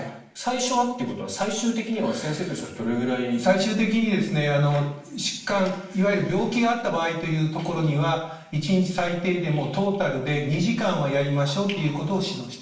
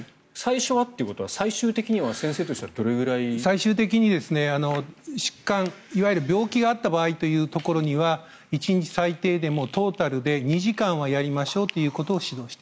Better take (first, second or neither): second